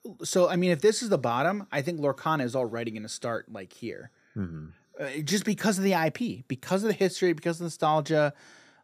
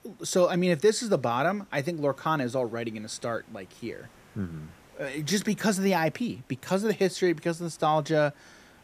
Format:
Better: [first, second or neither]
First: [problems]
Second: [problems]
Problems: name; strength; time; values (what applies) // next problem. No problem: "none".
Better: first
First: none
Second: hiss; faint; throughout; 30 dB below the speech